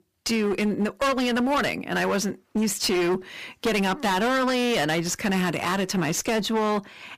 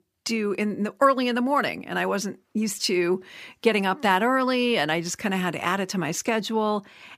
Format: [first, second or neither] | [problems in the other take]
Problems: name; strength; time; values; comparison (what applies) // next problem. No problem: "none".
second | distortion; heavy; 25% of the sound clipped